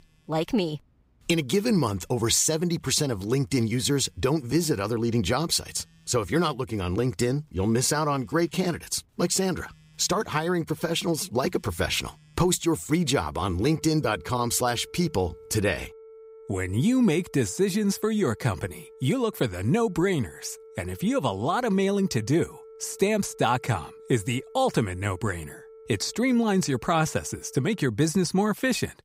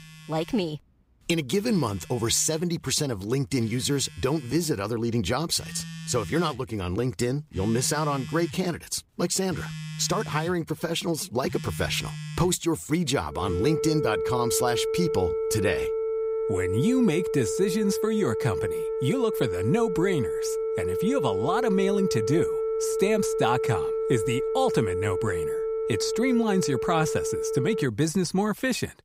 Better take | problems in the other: first | alarms or sirens; loud; throughout; 2 dB below the speech; faint in the first

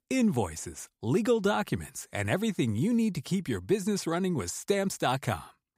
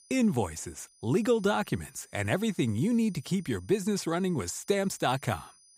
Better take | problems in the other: first | high-pitched whine; faint; throughout; 9.5 kHz, 30 dB below the speech

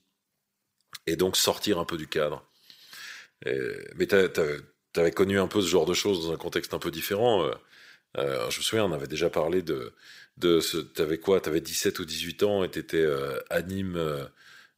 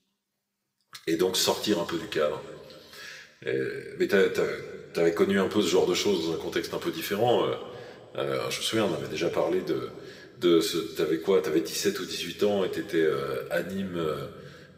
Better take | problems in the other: first | room echo; slight; dies away in 1.6 s

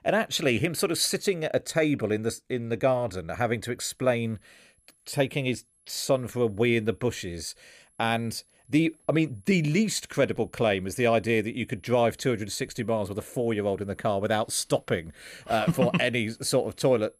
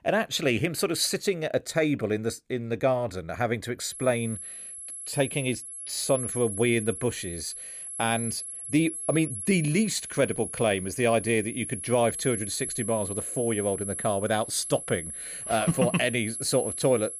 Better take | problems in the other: first | high-pitched whine; loud; from 4 s on; 11 kHz, 7 dB below the speech; faint in the first

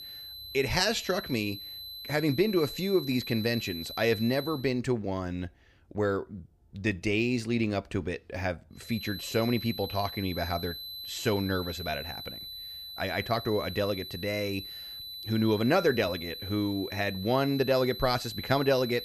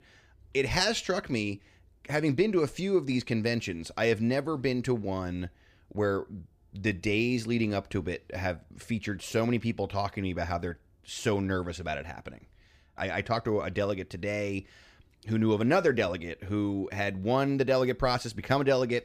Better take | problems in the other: second | high-pitched whine; loud; until 4.5 s and from 9 s on; 4 kHz, 9 dB below the speech

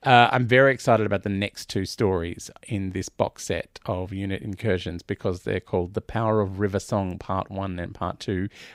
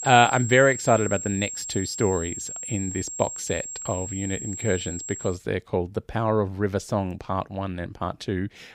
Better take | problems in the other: first | high-pitched whine; loud; until 5.5 s; 7.5 kHz, 6 dB below the speech

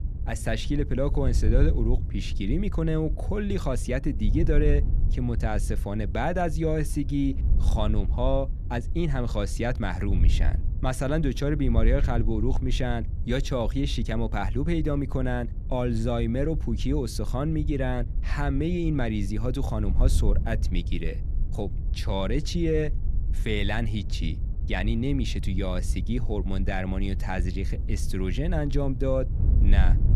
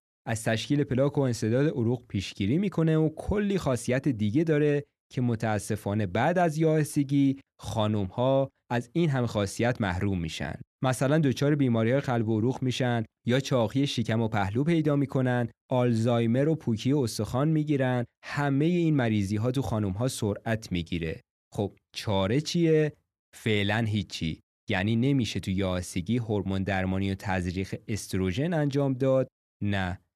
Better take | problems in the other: second | wind noise on the microphone; occasional gusts; 15 dB below the speech

